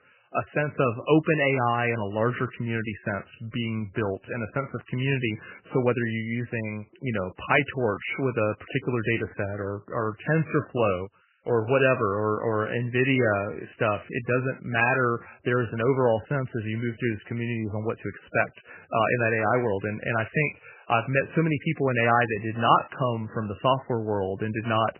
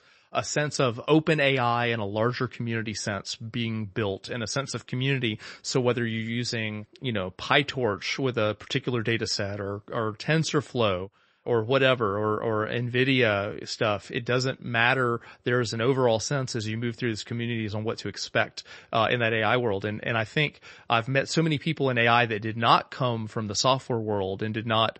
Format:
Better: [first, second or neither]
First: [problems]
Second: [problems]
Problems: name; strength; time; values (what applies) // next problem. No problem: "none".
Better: second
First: garbled, watery; badly; nothing above 3 kHz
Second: garbled, watery; slightly; nothing above 8 kHz